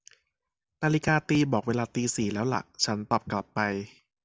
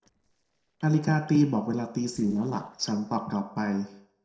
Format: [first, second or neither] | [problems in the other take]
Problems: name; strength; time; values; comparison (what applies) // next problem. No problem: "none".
first | noise reduction (neural separator model SepFormer DNS4)